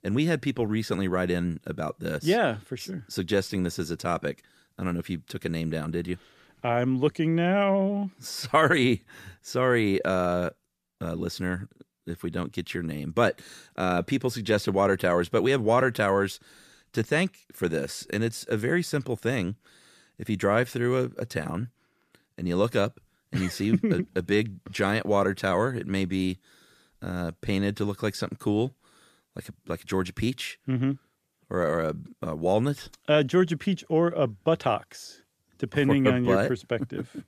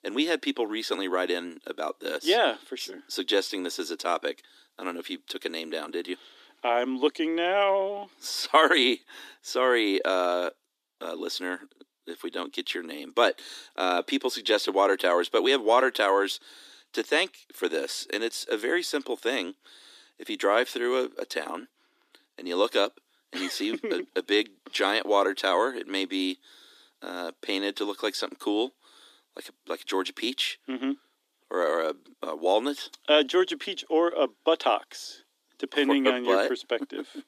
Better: first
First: none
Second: thin; somewhat; fading below 250 Hz

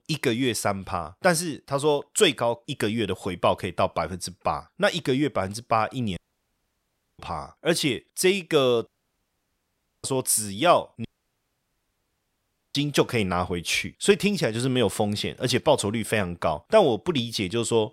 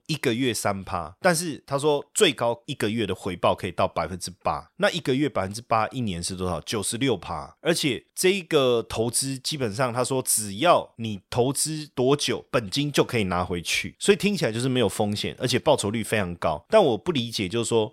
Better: second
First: audio cutting out; at 6 s for 1 s, at 9 s for 1 s and at 11 s for 1.5 s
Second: none

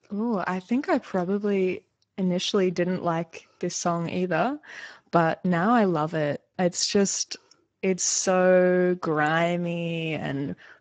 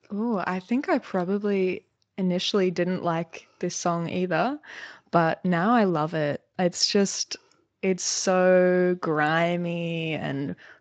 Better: second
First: garbled, watery; badly; nothing above 7.5 kHz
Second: garbled, watery; slightly

